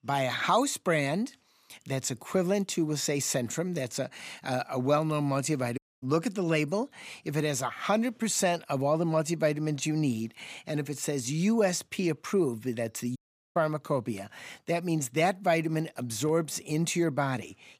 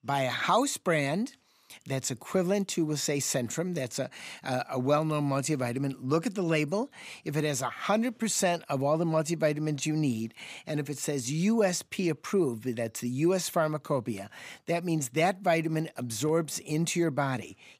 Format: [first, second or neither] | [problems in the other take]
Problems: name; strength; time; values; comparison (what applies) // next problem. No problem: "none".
second | audio cutting out; at 6 s and at 13 s